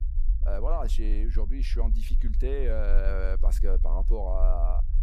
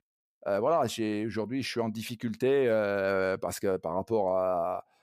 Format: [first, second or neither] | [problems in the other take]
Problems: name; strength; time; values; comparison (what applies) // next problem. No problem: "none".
second | low rumble; noticeable; throughout; 15 dB below the speech